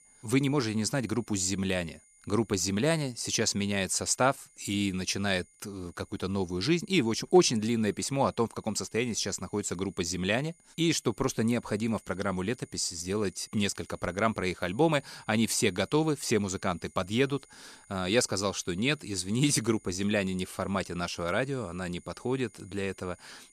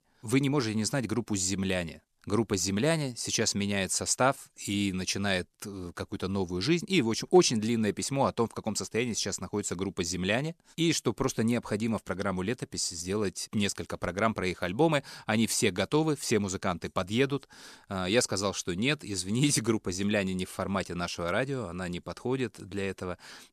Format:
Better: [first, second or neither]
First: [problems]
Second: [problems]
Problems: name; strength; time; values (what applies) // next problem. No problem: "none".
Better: second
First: high-pitched whine; faint; throughout; 9.5 kHz, 30 dB below the speech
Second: none